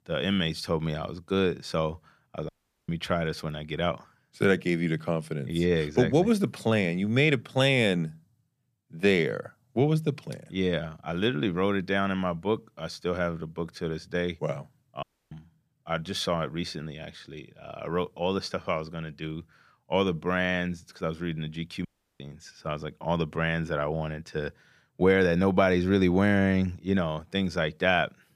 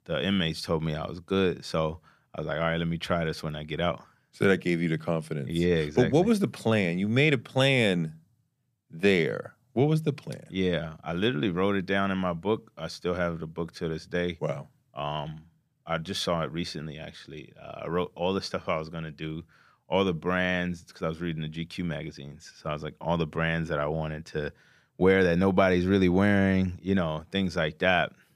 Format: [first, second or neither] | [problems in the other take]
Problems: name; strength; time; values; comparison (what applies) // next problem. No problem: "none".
second | audio cutting out; at 2.5 s, at 15 s and at 22 s